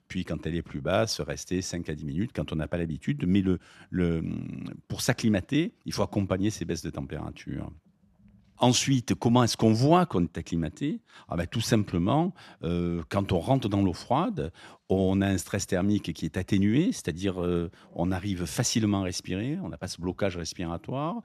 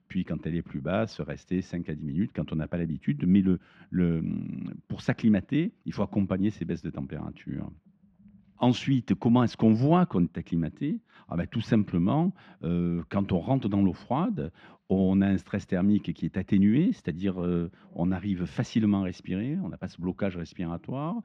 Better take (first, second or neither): first